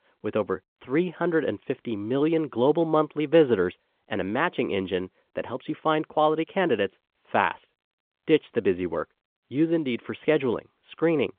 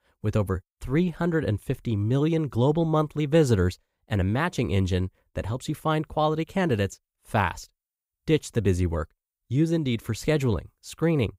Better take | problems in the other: second | phone-call audio

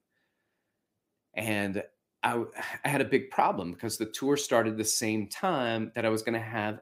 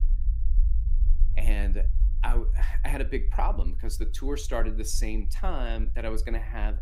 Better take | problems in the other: first | low rumble; noticeable; throughout; 20 dB below the speech

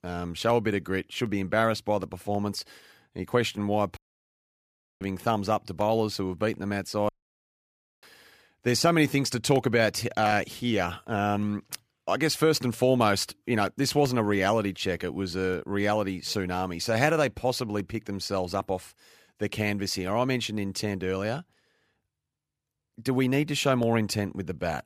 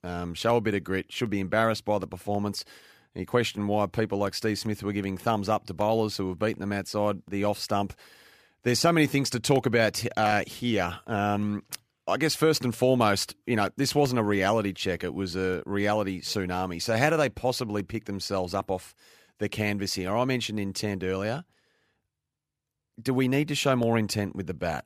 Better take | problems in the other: second | audio cutting out; at 4 s for 1 s and at 7 s for 1 s

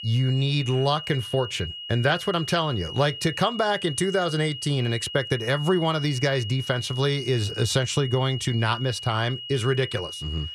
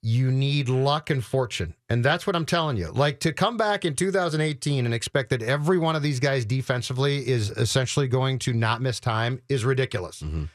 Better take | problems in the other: second | high-pitched whine; loud; throughout; 3 kHz, 9 dB below the speech

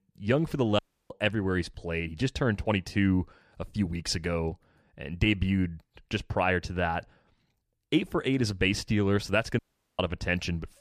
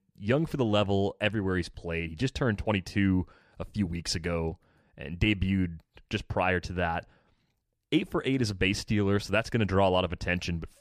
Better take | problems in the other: second | audio cutting out; at 1 s and at 9.5 s

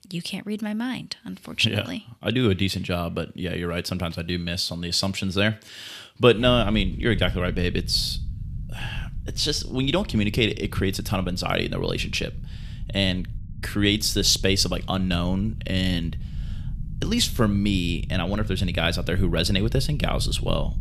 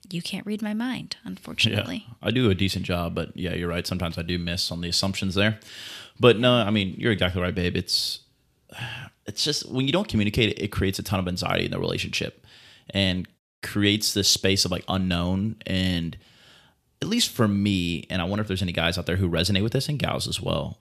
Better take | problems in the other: second | low rumble; faint; from 6.5 s on; 25 dB below the speech

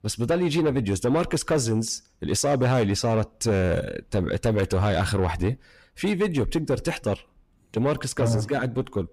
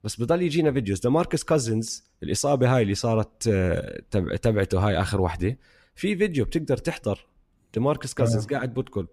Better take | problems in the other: second | distortion; slight; 10 dB below the speech

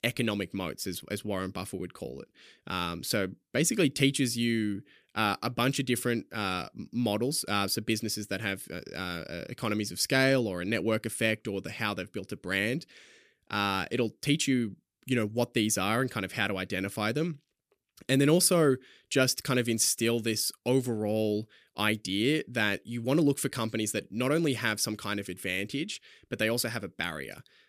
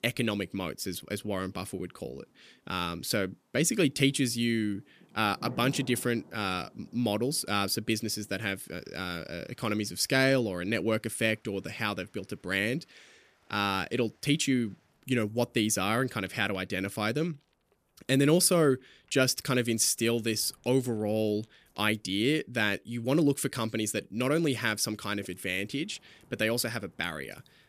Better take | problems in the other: first | rain or running water; faint; throughout; 25 dB below the speech

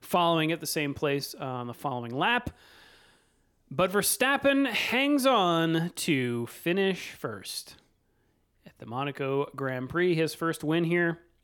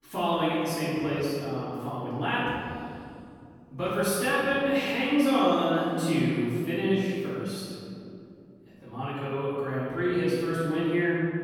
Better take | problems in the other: first | off-mic speech; far // room echo; strong; dies away in 2.8 s

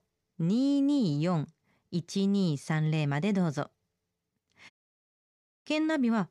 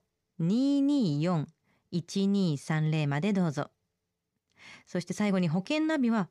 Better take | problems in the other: second | audio cutting out; at 4.5 s for 1 s

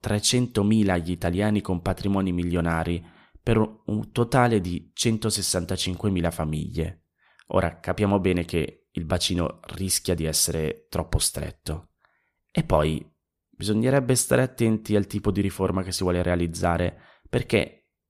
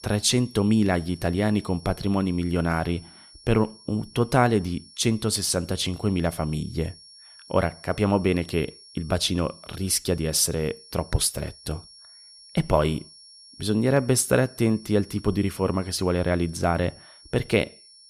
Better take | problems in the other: first | high-pitched whine; faint; throughout; 5.5 kHz, 20 dB below the speech

